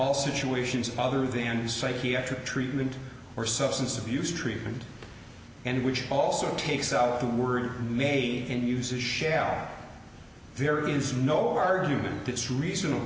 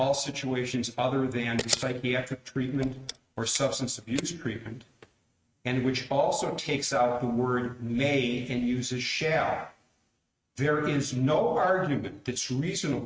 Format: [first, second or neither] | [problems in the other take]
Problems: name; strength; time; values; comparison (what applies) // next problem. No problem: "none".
first | noise reduction (neural mask model RNNoise)